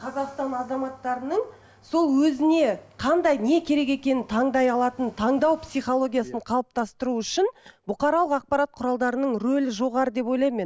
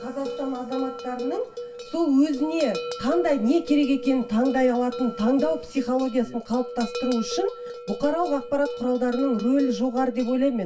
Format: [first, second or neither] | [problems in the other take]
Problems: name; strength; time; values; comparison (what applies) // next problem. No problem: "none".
first | background sound (Bell); 10 dB below the speech // room echo; dies away in 0.2 s